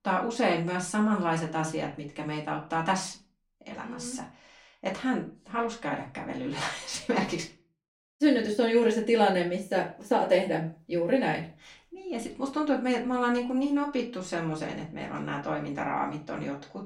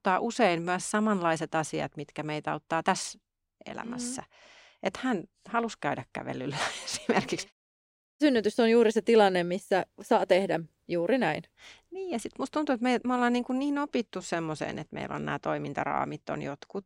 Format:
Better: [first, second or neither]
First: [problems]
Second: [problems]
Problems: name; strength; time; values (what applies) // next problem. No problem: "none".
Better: second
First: off-mic speech; far // room echo; very slight; dies away in 0.3 s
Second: none